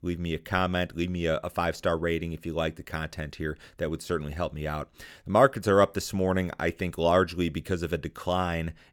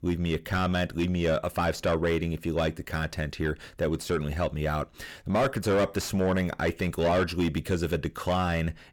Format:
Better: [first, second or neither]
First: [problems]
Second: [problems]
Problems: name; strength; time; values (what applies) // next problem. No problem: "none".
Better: first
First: none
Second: distortion; heavy; 6 dB below the speech